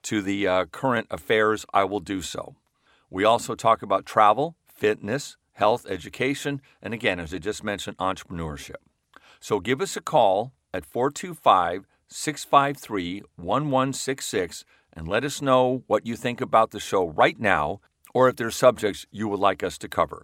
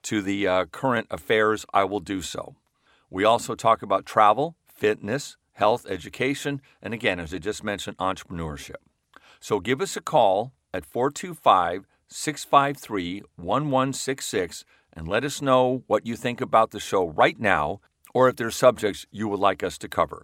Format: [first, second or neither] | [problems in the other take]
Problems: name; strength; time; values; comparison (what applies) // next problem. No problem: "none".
neither | none